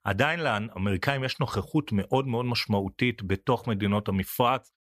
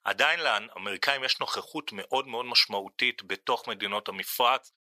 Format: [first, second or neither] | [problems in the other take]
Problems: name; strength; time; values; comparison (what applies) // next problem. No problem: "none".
first | thin; very; fading below 600 Hz